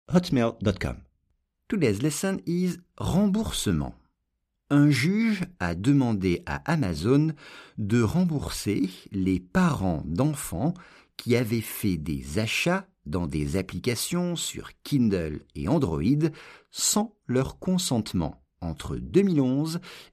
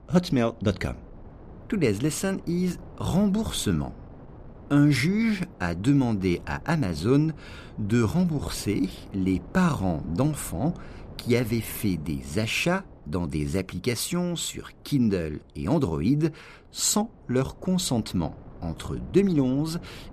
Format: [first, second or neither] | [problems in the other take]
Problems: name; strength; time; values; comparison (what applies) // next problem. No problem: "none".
first | wind noise on the microphone; occasional gusts; 20 dB below the speech